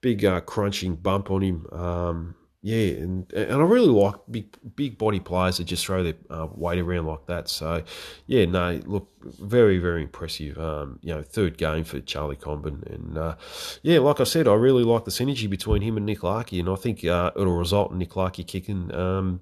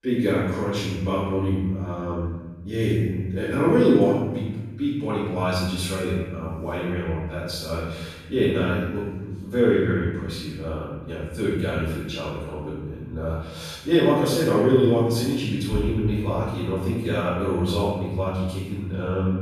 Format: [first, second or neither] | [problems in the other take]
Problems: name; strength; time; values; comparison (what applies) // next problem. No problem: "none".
first | off-mic speech; far // room echo; strong; dies away in 1.2 s